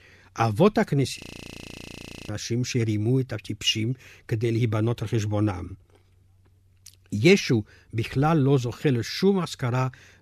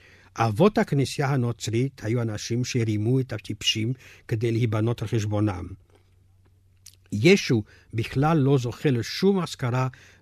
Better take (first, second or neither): second